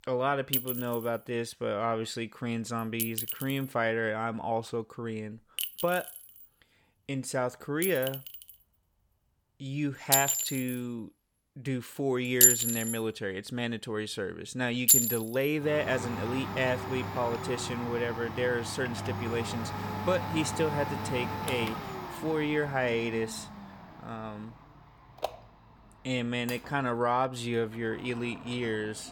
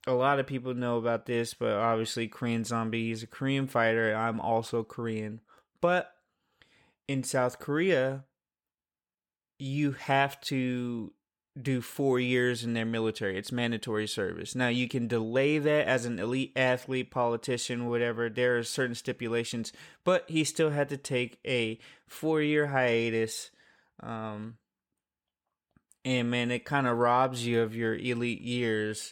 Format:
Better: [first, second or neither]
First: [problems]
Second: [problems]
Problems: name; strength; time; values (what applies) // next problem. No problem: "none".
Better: second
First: household noises; very loud; throughout; 2 dB above the speech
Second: none